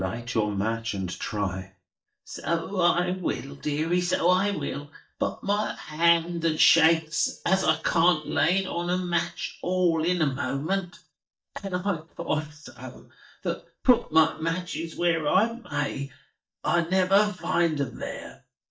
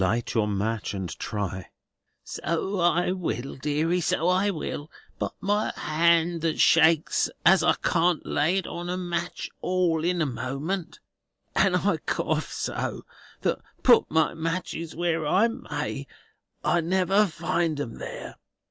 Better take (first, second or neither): second